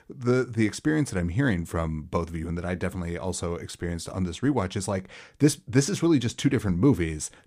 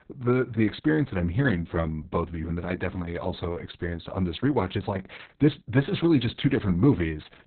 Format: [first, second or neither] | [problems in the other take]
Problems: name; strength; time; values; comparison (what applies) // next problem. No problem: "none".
first | garbled, watery; badly; nothing above 4 kHz